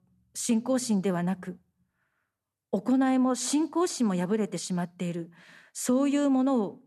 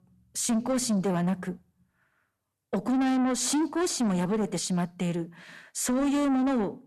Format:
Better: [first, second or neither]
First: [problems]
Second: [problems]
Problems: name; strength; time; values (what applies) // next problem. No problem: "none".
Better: first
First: none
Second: distortion; slight; 10 dB below the speech